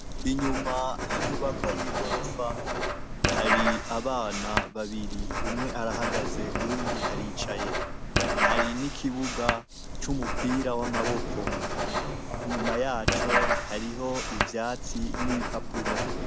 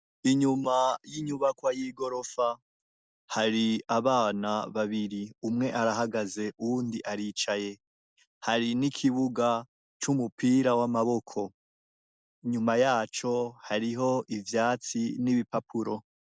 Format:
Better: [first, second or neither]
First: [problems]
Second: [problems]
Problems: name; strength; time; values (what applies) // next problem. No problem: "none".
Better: second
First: background sound (Writing); 3 dB above the speech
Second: none